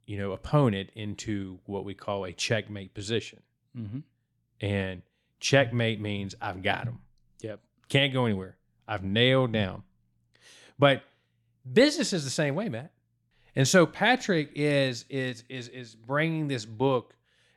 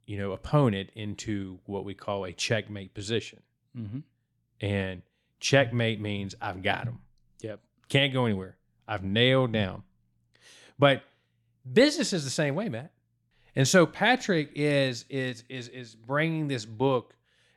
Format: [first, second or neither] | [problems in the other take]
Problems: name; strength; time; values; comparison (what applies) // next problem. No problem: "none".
neither | none